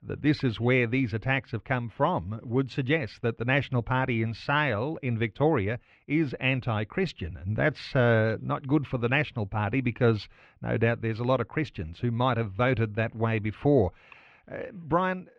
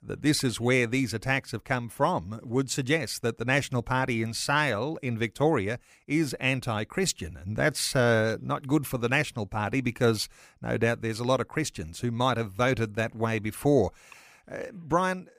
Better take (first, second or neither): second